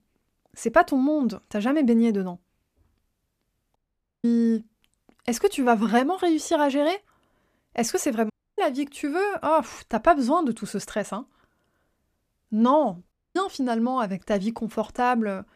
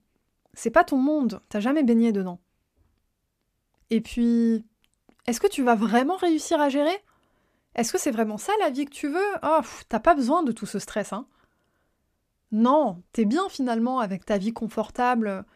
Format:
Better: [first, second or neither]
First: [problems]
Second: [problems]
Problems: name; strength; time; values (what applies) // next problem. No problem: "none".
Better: second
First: audio cutting out; at 4 s, at 8.5 s and at 13 s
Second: none